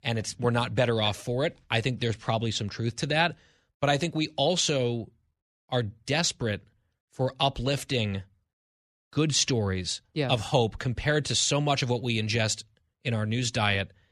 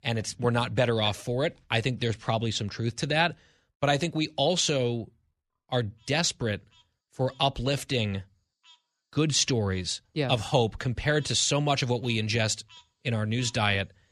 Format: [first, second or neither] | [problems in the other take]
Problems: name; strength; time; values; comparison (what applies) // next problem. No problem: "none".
first | animal sounds; faint; throughout; 30 dB below the speech